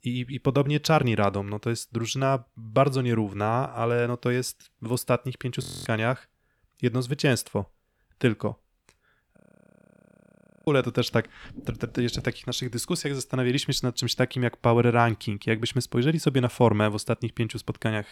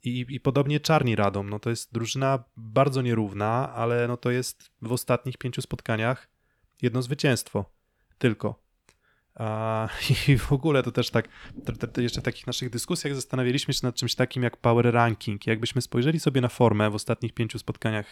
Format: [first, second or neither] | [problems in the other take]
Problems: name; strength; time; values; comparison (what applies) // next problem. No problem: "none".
second | audio freezing; at 5.5 s and at 9.5 s for 1.5 s